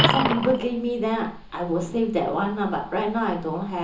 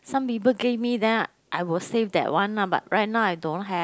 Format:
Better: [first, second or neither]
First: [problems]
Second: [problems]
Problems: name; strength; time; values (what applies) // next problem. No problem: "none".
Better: second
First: background sound (Coin (dropping)); 4 dB below the speech // room echo; dies away in 0.8 s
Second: none